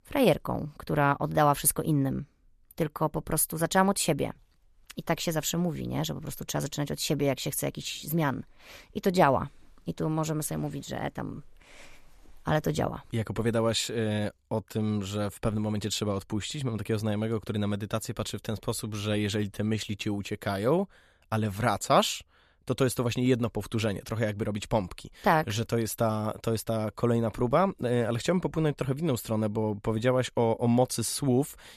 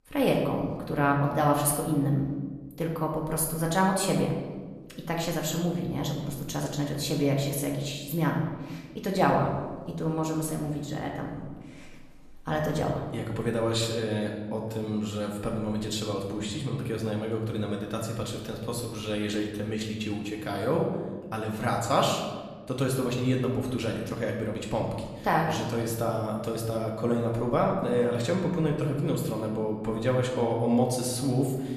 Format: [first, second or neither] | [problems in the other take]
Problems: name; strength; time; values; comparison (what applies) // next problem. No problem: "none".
first | room echo; noticeable; dies away in 1.2 s // off-mic speech; somewhat distant